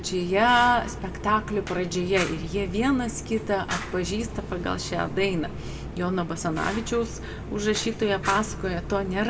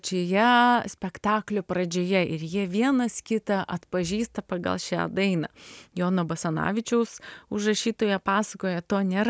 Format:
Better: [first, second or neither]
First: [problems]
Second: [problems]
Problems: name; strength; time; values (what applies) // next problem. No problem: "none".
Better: second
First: background sound (Fire); 8 dB below the speech // room echo; dies away in 1.4 s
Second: none